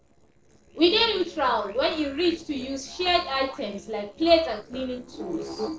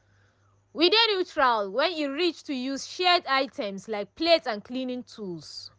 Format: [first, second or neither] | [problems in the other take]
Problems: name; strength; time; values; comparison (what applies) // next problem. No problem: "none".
second | noise reduction (neural separator model SepFormer DNS4)